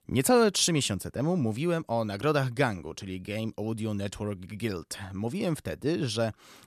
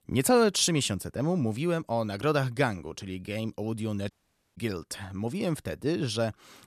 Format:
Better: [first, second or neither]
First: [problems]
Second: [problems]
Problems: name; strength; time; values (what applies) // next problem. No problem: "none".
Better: first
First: none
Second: audio cutting out; at 4 s